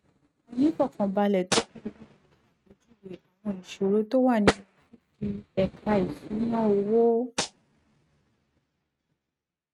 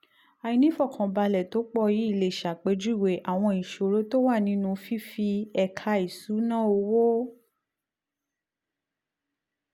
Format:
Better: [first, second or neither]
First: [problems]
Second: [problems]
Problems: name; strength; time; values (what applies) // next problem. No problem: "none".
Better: second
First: noise reduction (neural mask model RNNoise)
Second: none